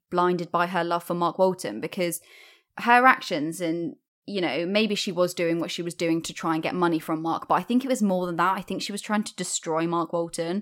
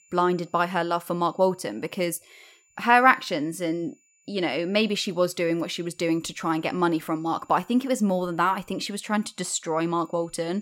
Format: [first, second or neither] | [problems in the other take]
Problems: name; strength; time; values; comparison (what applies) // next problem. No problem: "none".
first | high-pitched whine; faint; throughout; 7 kHz, 35 dB below the speech